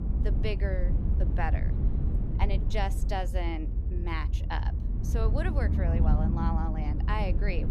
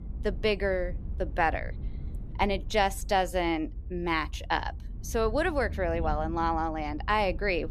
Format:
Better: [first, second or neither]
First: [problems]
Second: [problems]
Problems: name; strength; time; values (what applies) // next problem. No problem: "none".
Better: second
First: low rumble; loud; throughout; 7 dB below the speech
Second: low rumble; faint; throughout; 25 dB below the speech